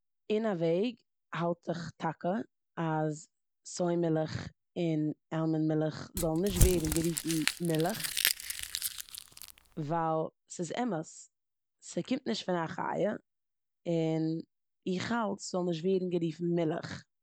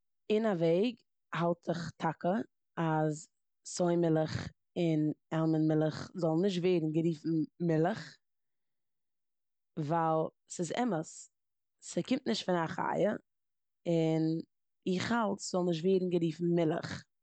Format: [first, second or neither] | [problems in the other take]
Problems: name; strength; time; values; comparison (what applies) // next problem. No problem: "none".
second | background sound (Crumpling, crinkling / Crushing); as loud as the speech